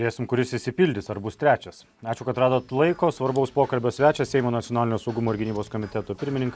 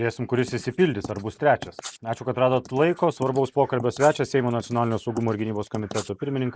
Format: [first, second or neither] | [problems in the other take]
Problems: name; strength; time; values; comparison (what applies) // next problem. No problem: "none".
first | noise reduction (neural mask model Resemble Enhance denoiser)